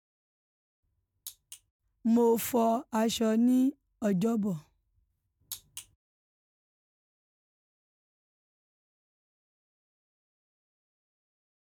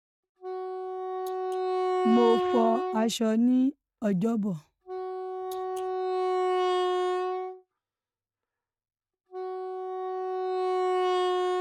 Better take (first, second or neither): first